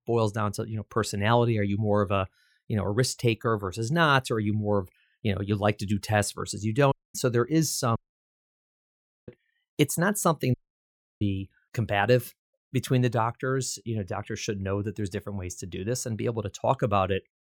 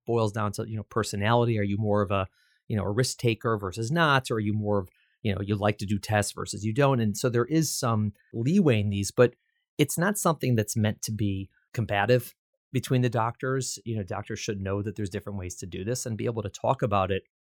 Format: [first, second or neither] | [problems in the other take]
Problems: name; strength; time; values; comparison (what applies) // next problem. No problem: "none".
second | audio cutting out; at 7 s, at 8 s for 1.5 s and at 11 s for 0.5 s